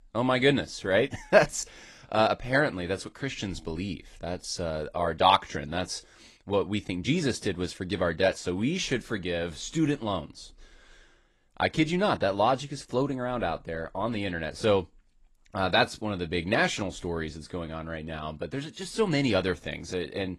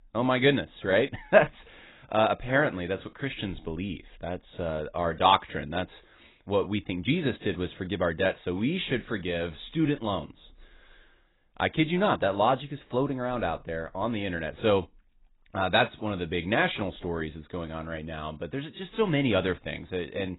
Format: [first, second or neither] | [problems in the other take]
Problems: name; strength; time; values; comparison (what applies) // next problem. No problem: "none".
first | garbled, watery; badly; nothing above 4 kHz; slightly in the first